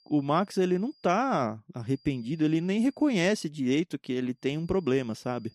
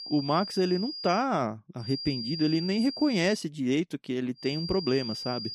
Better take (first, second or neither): first